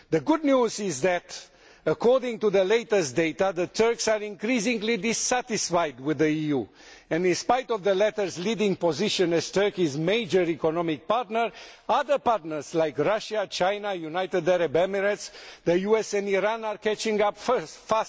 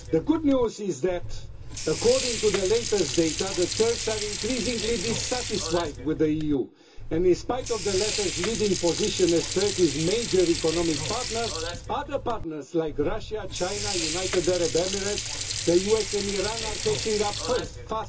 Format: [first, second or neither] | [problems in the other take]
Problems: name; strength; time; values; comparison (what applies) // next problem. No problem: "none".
first | background sound (Sink (filling or washing) / Water); 5 dB below the speech // room echo; dies away in 0.2 s